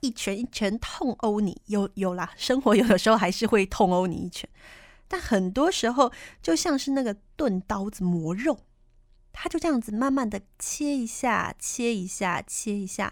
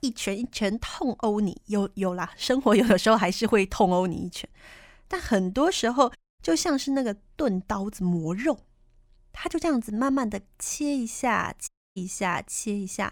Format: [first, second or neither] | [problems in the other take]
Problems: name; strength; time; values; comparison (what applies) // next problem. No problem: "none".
first | audio cutting out; at 6 s and at 12 s